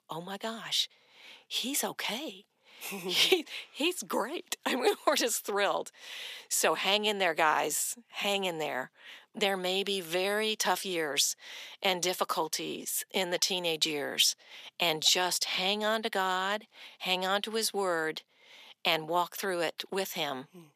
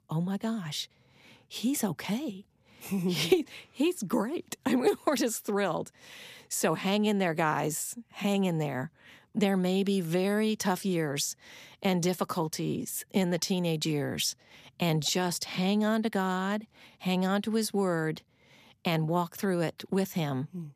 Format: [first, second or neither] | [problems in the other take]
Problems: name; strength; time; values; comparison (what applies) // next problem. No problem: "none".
second | thin; somewhat; fading below 500 Hz